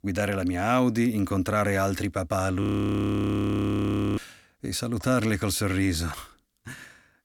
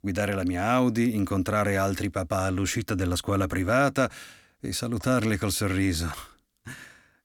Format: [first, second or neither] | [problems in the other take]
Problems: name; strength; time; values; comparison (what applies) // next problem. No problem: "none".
second | audio freezing; at 2.5 s for 1.5 s